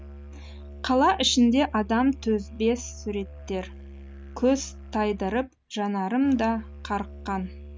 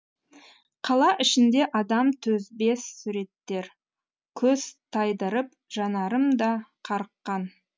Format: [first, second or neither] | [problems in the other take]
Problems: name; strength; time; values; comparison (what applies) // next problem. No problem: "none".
second | background sound (Musical instrument); 15 dB below the speech